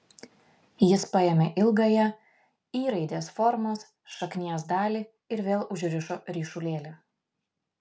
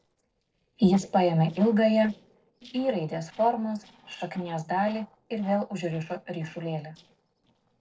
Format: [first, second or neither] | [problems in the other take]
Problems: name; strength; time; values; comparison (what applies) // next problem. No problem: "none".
first | noise reduction (neural separator model SepFormer DNS4)